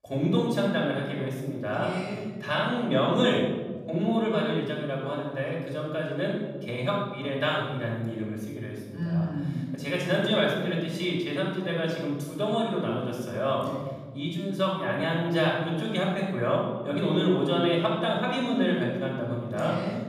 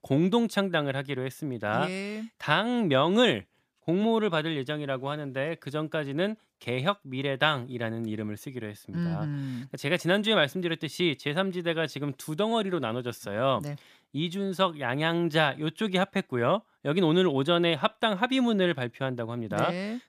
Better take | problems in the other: second | room echo; noticeable; dies away in 1.6 s // off-mic speech; far

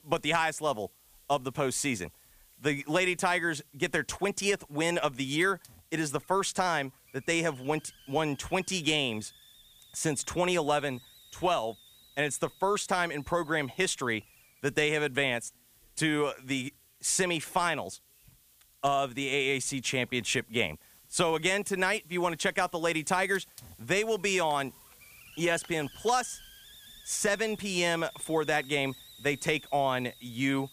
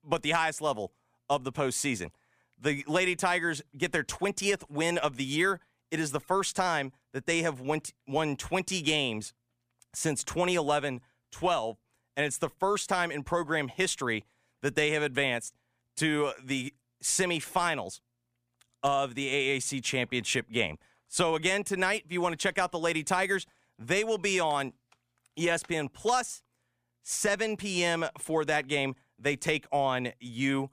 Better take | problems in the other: second | hiss; faint; throughout; 25 dB below the speech

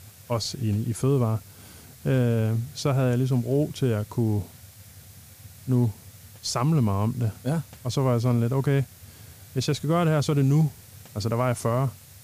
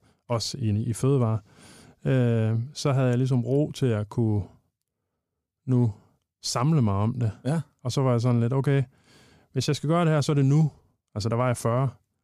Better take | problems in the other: second | hiss; faint; throughout; 20 dB below the speech

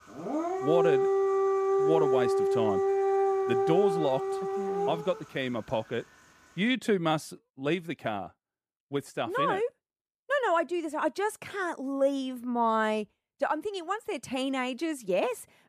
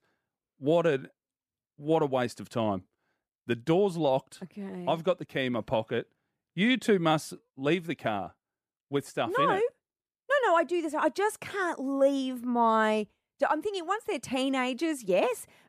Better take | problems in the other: second | dog barking; loud; until 5 s; peak 5 dB above the speech

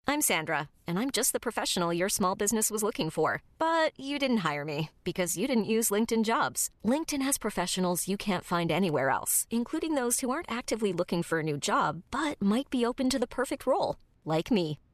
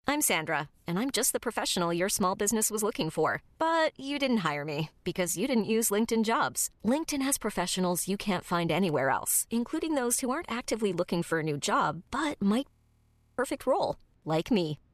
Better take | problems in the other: first | audio freezing; at 13 s for 0.5 s

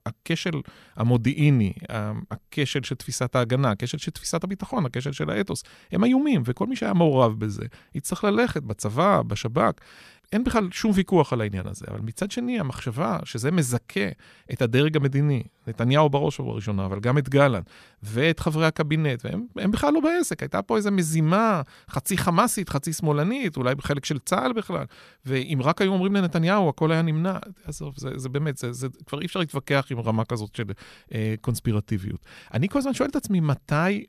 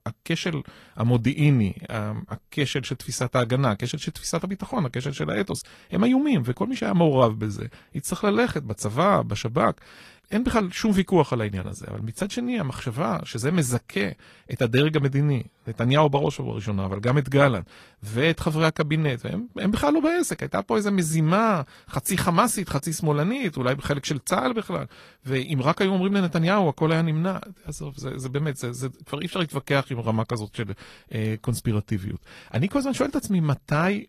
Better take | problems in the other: first | garbled, watery; slightly; nothing above 14.5 kHz

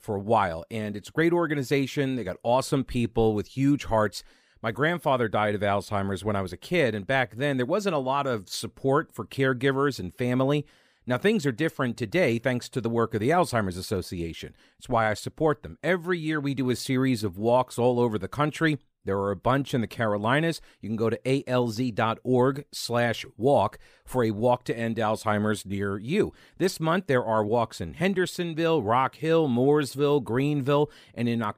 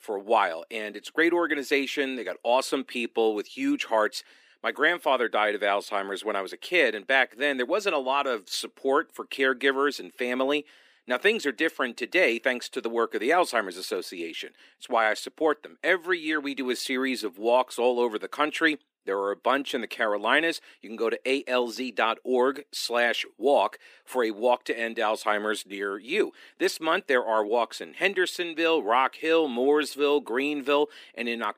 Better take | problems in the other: first | thin; somewhat; fading below 300 Hz

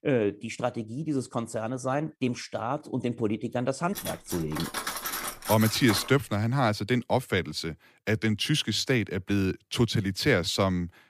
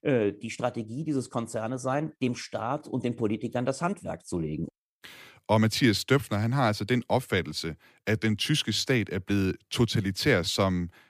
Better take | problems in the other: second | clattering dishes; noticeable; from 4 to 6 s; peak 3 dB below the speech

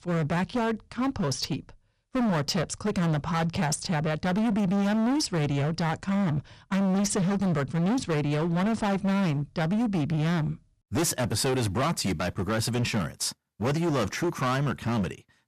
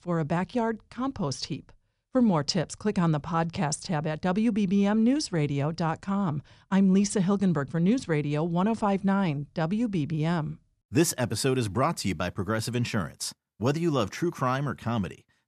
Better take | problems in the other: second | distortion; heavy; 27% of the sound clipped

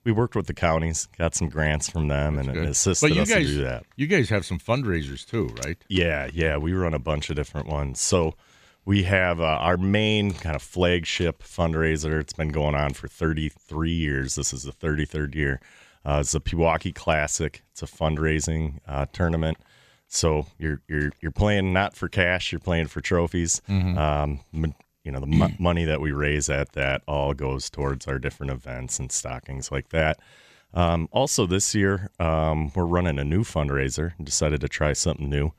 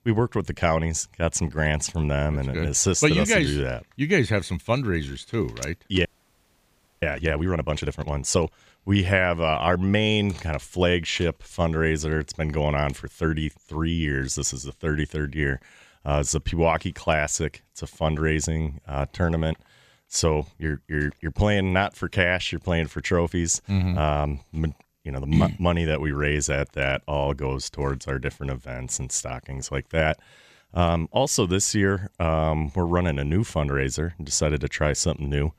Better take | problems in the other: first | audio freezing; at 6 s for 1 s

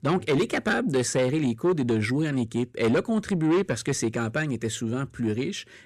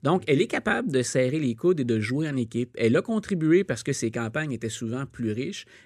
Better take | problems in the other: second | distortion; slight; 10 dB below the speech

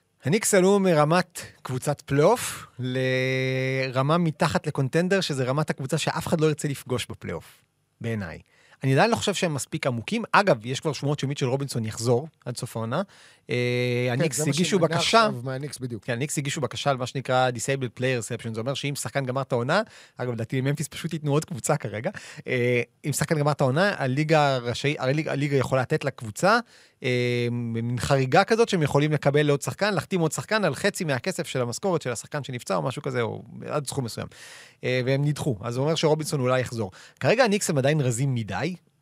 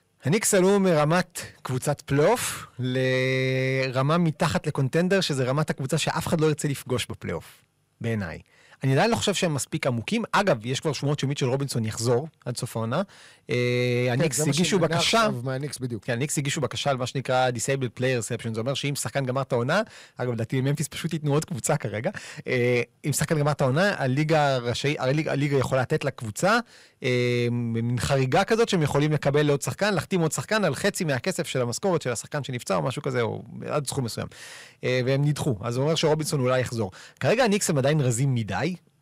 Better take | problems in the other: first | distortion; slight; 10 dB below the speech

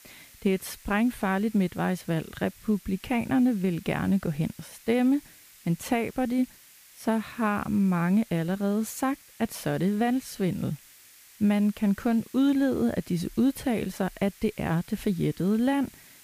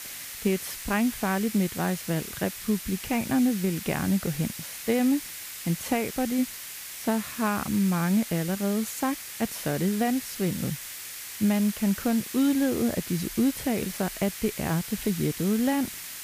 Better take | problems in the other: first | hiss; loud; throughout; 8 dB below the speech; faint in the first

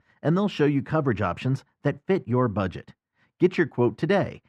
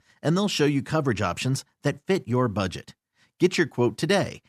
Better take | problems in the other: second | muffled; very; fading above 3.5 kHz

